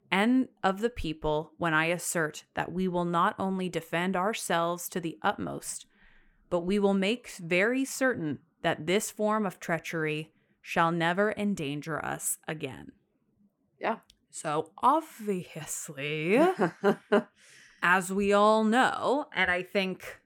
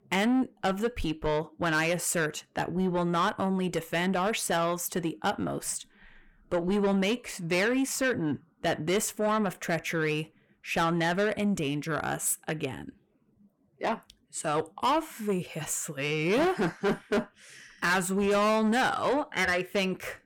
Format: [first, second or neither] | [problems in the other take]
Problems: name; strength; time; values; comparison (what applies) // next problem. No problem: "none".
first | distortion; heavy; 8 dB below the speech